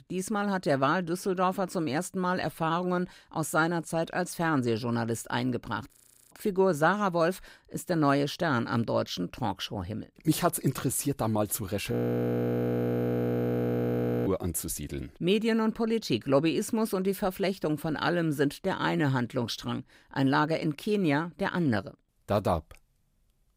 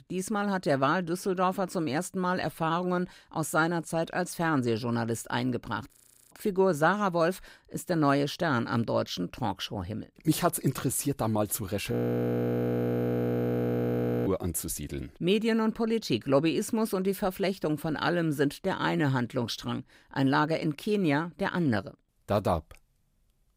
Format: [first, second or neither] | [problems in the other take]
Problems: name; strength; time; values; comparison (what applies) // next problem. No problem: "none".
neither | audio freezing; at 6 s and at 12 s for 2.5 s; the same in both